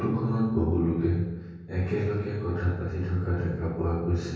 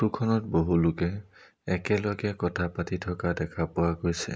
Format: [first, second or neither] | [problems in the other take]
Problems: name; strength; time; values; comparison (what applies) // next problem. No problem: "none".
second | room echo; dies away in 1.3 s